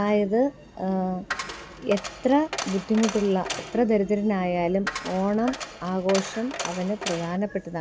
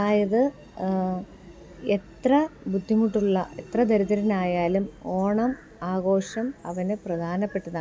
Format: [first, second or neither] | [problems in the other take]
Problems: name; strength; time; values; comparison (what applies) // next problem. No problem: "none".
second | background sound (Coin (dropping)); 9 dB below the speech